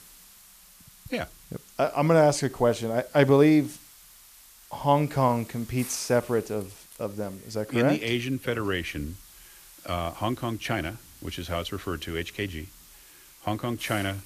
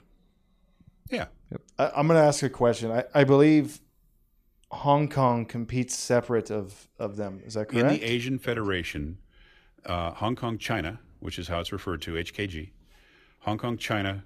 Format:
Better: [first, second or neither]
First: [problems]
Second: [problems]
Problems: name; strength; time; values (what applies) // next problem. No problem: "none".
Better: second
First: hiss; faint; throughout; 20 dB below the speech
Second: none